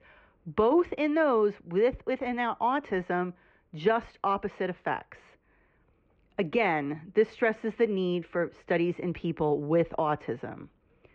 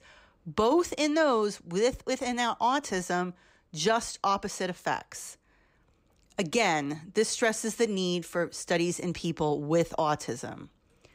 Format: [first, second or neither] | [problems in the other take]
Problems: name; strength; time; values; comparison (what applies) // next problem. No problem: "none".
second | muffled; very; fading above 2.5 kHz